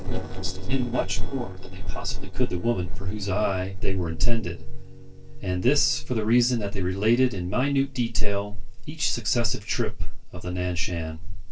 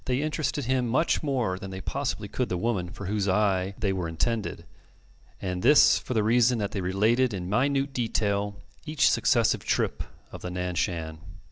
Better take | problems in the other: second | noise reduction (neural separator model SepFormer DNS4)

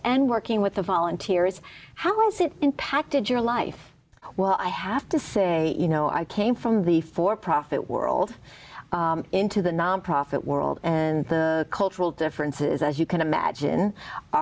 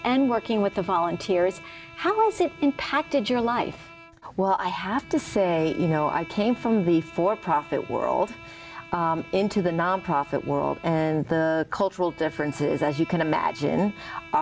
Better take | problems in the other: first | background sound (Bowed string instrument); 19 dB below the speech

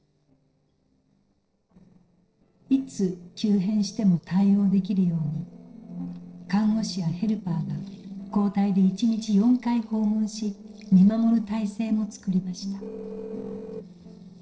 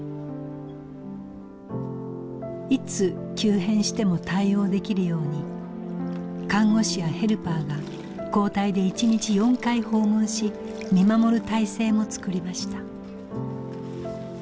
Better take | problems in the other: second | noise reduction (neural separator model SepFormer DNS4)

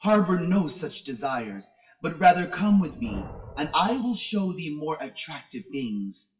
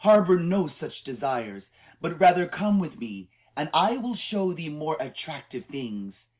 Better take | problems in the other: second | noise reduction (classical method WPE with log-MMSE)

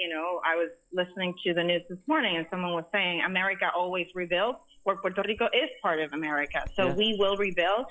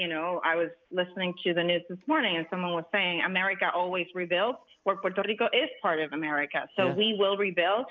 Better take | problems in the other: second | noise reduction (classical method log-MMSE)

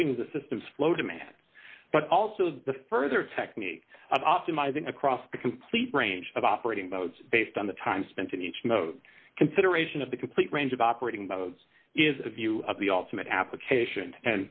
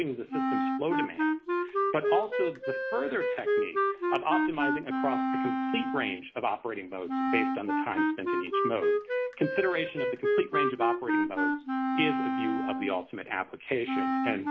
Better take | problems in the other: first | background sound (Wind instrument, woodwind instrument); 3 dB above the speech

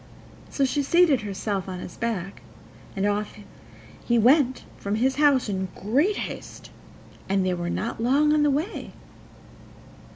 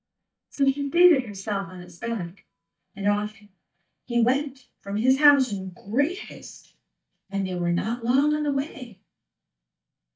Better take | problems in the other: first | noise reduction (neural mask model DeepFilterNet 3)

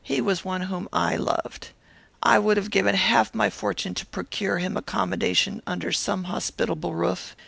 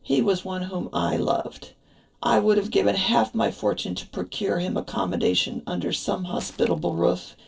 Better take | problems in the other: first | noise reduction (neural separator model SepFormer DNS4)

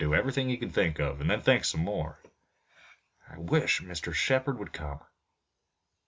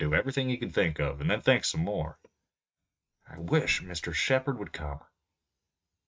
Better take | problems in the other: first | noise reduction (neural mask model RNNoise)

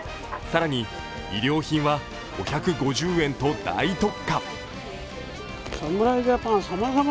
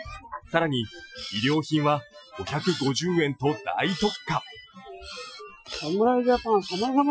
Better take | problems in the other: first | noise reduction (classical method Wiener filter)

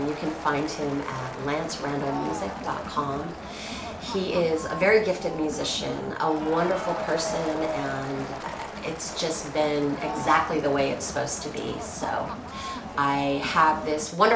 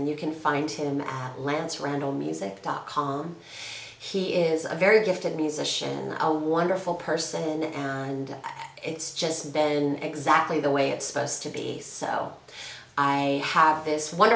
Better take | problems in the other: second | background sound (Crowd); 8 dB below the speech

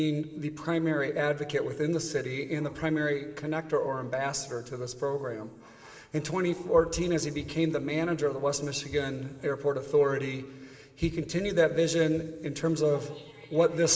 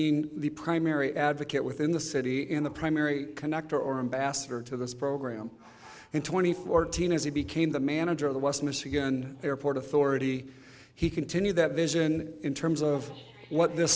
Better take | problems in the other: second | room echo; dies away in 2.2 s

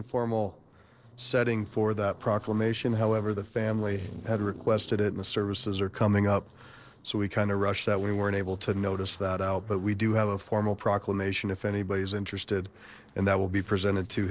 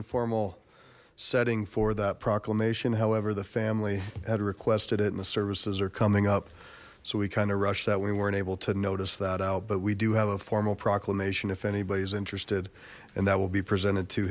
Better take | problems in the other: second | noise reduction (neural separator model SepFormer DNS4)

